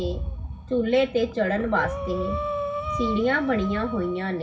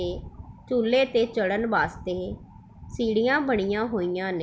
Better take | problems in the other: second | background sound (Breathing); 8 dB below the speech // room echo; dies away in 0.4 s

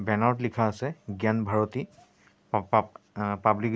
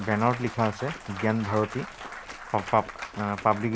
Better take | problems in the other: first | background sound (Applause / Cheering / Clapping); 12 dB below the speech

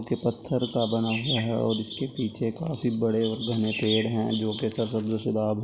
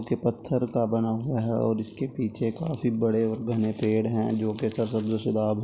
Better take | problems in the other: second | background sound (Chirp, tweet); 11 dB below the speech

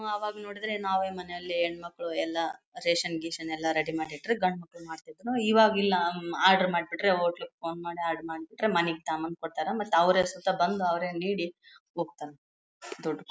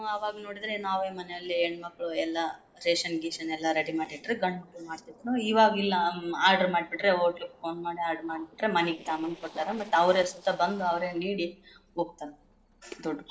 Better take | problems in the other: first | noise reduction (neural separator model SepFormer DNS4)

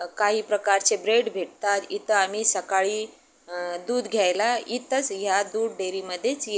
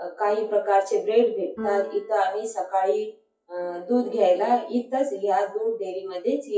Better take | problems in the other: first | noise reduction (classical method WPE with log-MMSE)

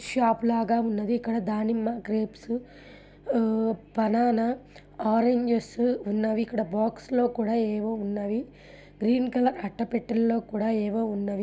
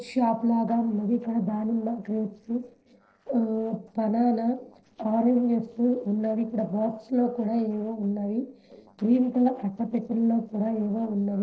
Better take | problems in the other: first | noise reduction (neural separator model SepFormer DNS4)

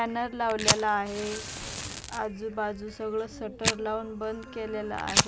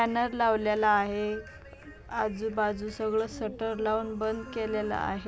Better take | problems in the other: second | background sound (Fire); 1 dB below the speech

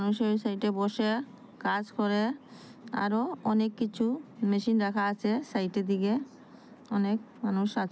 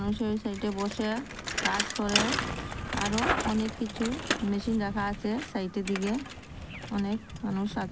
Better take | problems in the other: first | background sound (Bicycle); 3 dB below the speech

